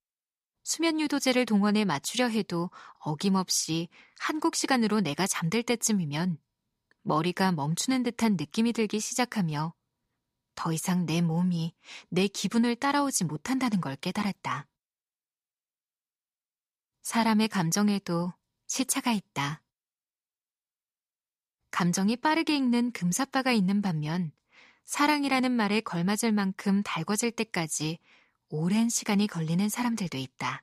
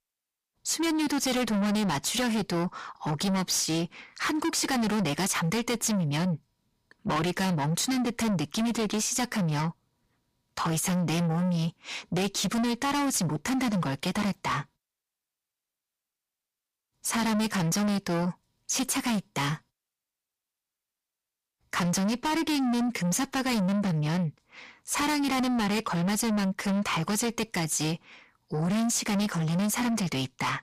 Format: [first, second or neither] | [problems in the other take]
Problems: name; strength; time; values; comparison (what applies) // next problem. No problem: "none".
first | distortion; heavy; 7 dB below the speech